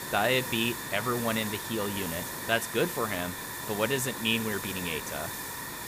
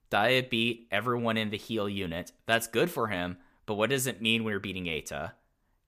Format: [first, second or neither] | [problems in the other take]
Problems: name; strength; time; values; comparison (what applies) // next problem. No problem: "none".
second | hiss; loud; throughout; 5 dB below the speech